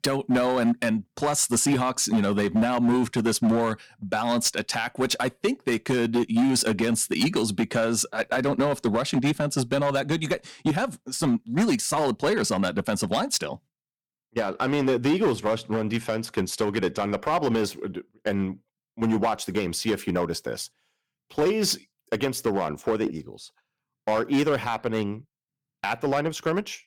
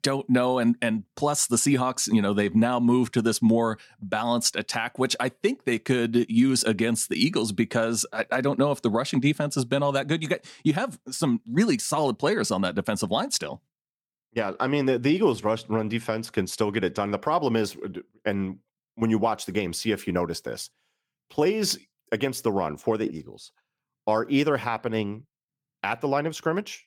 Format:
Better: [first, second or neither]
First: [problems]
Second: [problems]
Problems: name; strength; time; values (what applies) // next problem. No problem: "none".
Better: second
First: distortion; slight; 7% of the sound clipped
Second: none